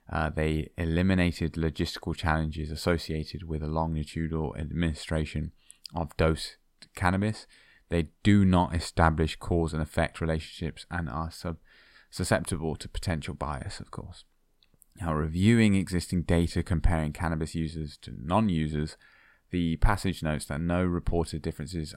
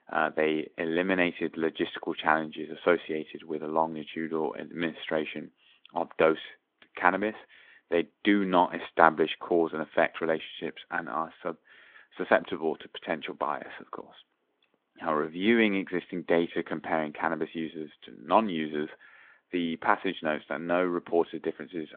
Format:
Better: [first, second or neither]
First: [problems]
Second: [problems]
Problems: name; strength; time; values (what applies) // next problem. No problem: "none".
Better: first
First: none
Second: phone-call audio; nothing above 3.5 kHz